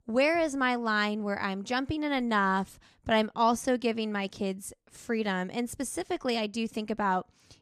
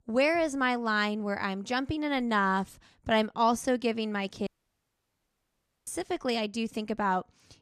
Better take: first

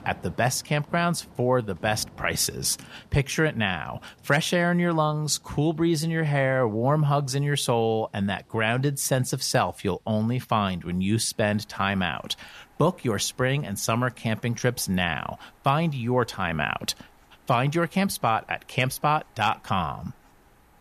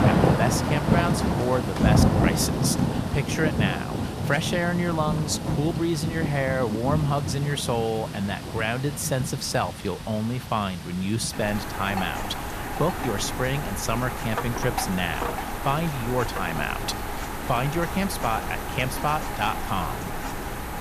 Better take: first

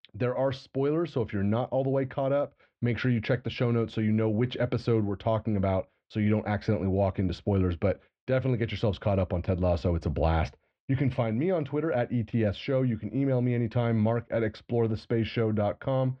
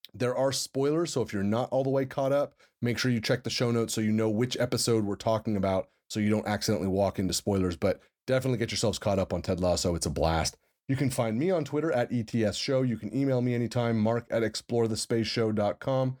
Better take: second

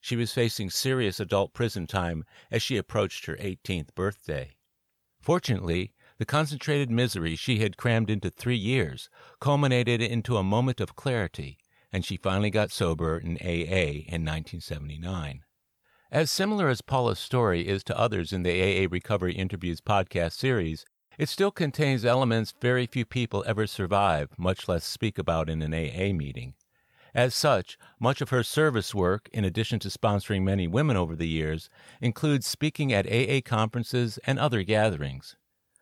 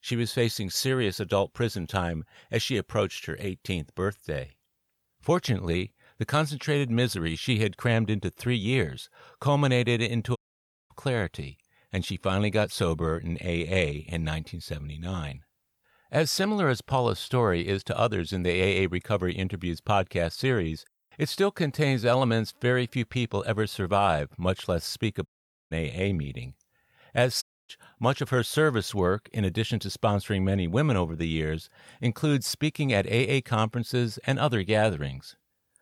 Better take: first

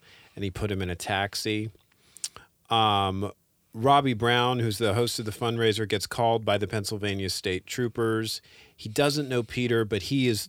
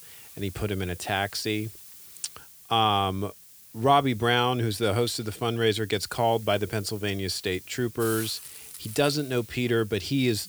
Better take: first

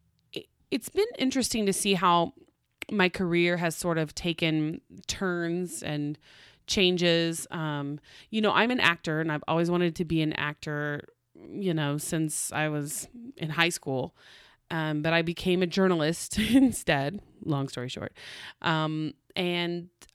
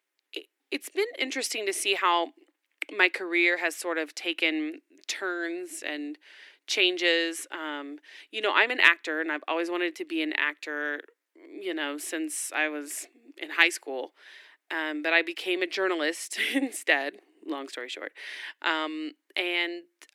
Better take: first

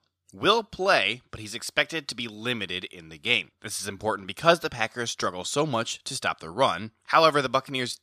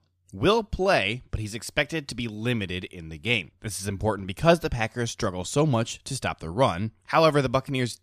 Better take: second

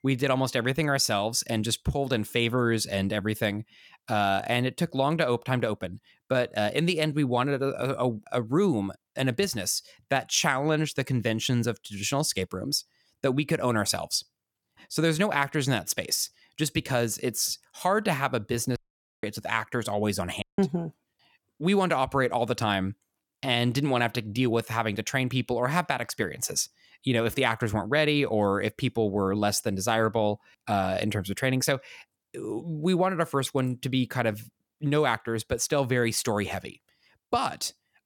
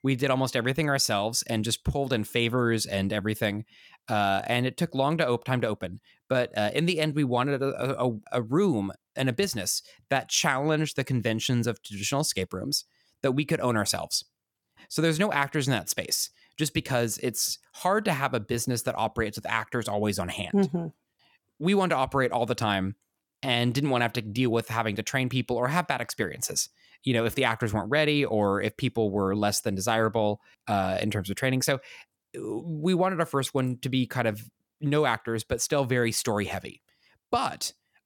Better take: second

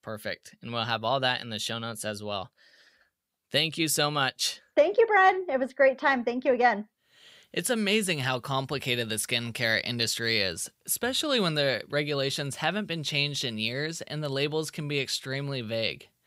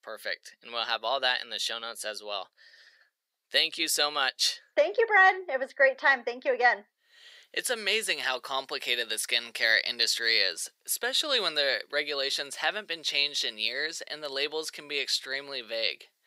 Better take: first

